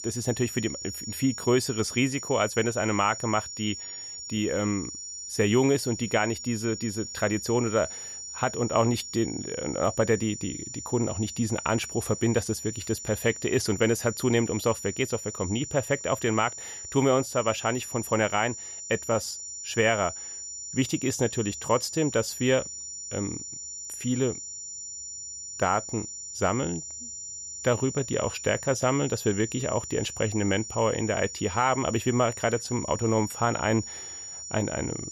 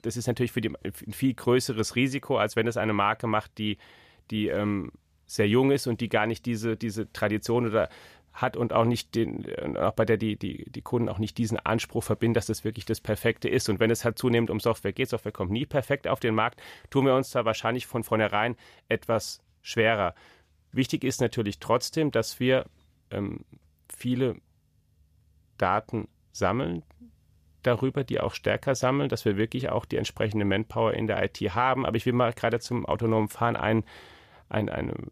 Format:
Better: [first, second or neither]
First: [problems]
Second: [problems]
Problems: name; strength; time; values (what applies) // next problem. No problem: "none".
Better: second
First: high-pitched whine; loud; throughout; 7 kHz, 8 dB below the speech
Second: none